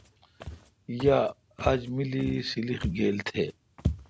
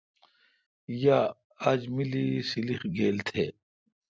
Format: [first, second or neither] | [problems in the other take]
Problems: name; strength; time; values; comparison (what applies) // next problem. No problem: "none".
second | background sound (Walk, footsteps); 8 dB below the speech